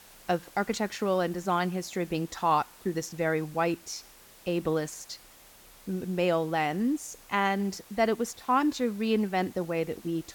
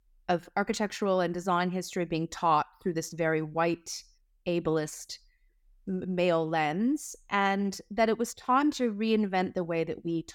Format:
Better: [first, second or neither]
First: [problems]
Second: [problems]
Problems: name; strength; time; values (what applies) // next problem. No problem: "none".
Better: second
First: hiss; faint; throughout; 20 dB below the speech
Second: none